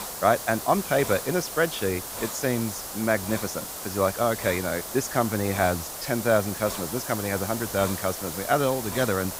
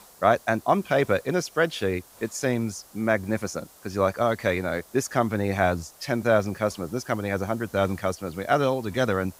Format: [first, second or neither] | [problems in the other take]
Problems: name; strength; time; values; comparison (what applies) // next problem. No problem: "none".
second | hiss; loud; throughout; 6 dB below the speech; faint in the second